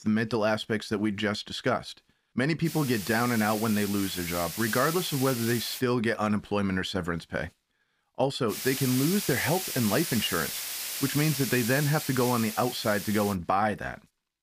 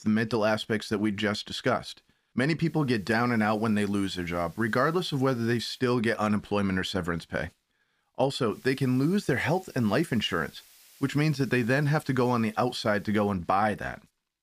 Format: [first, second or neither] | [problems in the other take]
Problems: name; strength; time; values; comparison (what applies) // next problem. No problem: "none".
second | hiss; loud; from 2.5 to 6 s and from 8.5 to 13 s; 5 dB below the speech; faint in the second